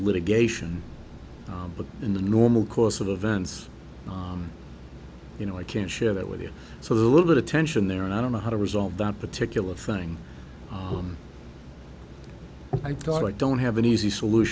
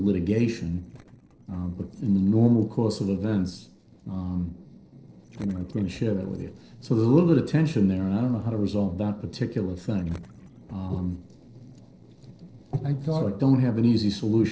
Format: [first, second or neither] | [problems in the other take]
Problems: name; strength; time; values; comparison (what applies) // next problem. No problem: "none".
first | noise reduction (neural separator model SepFormer DNS4)